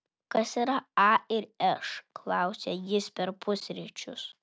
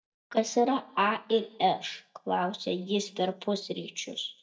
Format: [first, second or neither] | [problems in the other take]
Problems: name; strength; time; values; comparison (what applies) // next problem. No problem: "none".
first | noise reduction (neural mask model DeepFilterNet 3)